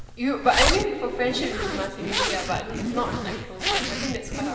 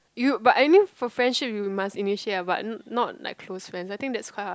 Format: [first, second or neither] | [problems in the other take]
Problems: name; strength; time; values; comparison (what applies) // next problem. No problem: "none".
second | background sound (Zipper (clothing)); as loud as the speech // room echo; dies away in 2.6 s